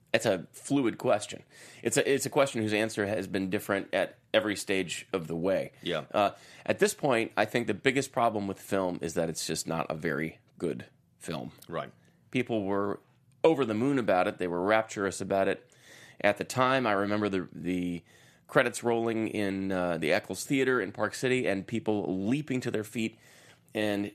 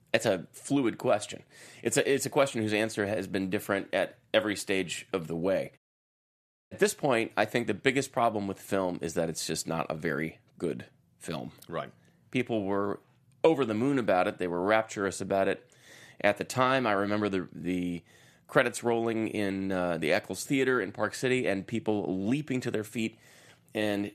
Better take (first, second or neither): first